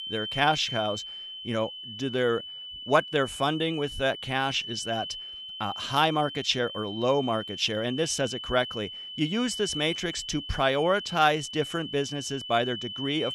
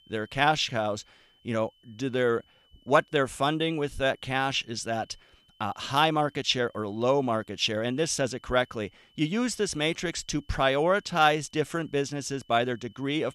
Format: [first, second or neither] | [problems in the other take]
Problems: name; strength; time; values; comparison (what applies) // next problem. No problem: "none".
second | high-pitched whine; loud; throughout; 3 kHz, 8 dB below the speech; faint in the second